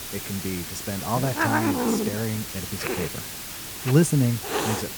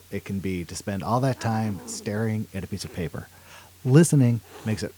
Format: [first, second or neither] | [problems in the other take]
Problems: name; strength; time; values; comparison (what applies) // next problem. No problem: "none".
second | hiss; loud; throughout; 1 dB below the speech; faint in the second